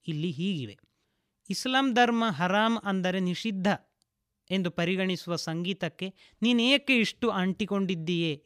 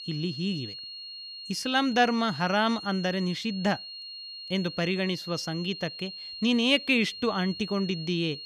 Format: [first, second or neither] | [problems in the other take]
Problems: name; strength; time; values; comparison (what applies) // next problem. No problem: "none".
first | high-pitched whine; noticeable; throughout; 4.5 kHz, 10 dB below the speech